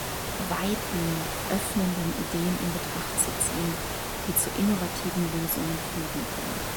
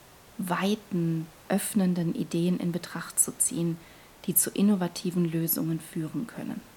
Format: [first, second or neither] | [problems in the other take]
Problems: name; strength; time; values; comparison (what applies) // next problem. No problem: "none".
second | hiss; loud; throughout; 2 dB below the speech; faint in the second